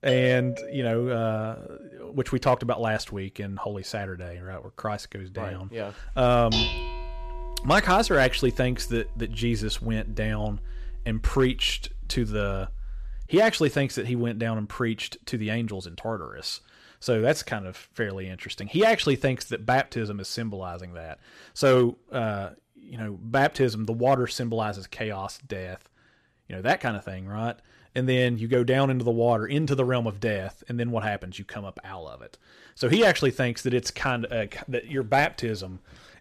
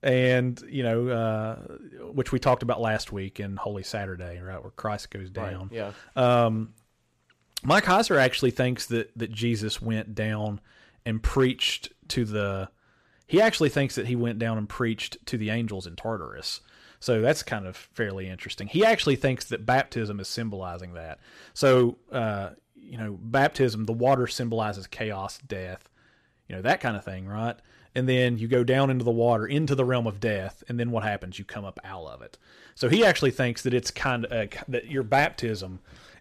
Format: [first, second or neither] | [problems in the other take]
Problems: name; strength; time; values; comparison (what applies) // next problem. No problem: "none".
second | doorbell; noticeable; until 1.5 s; peak 6 dB below the speech // clattering dishes; loud; from 6 to 13 s; peak 1 dB above the speech